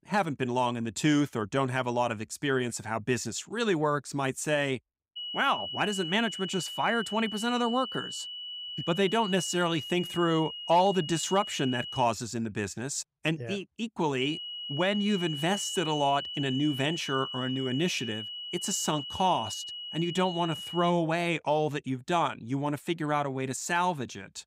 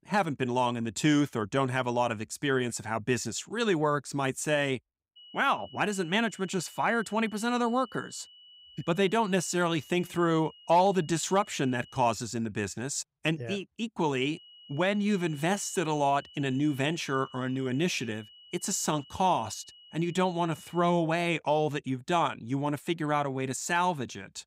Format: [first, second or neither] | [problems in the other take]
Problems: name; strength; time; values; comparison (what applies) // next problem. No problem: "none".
second | high-pitched whine; loud; from 5 to 12 s and from 14 to 21 s; 3 kHz, 7 dB below the speech; faint in the second